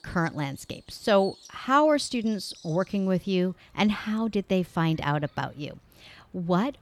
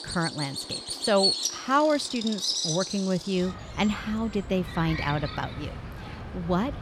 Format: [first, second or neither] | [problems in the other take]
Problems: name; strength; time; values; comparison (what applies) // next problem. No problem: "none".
first | animal sounds; loud; throughout; 4 dB below the speech; faint in the first